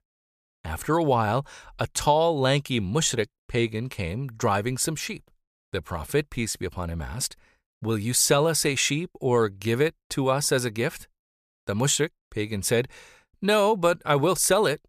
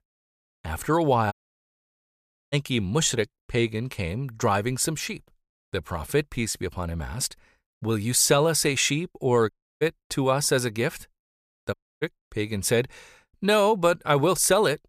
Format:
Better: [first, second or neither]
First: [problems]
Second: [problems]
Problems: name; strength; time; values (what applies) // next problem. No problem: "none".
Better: first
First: none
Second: audio cutting out; at 1.5 s for 1 s, at 9.5 s and at 12 s